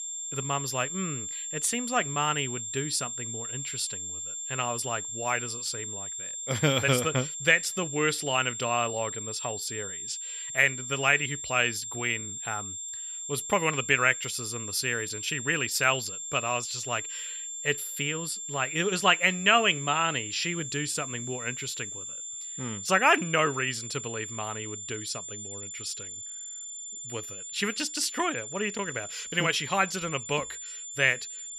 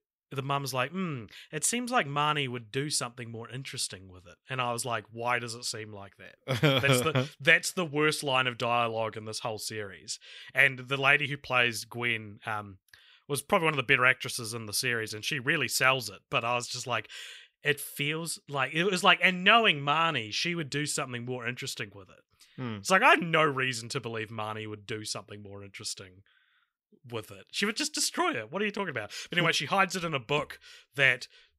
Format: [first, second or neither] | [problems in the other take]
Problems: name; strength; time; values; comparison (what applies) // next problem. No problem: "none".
second | high-pitched whine; loud; throughout; 7.5 kHz, 7 dB below the speech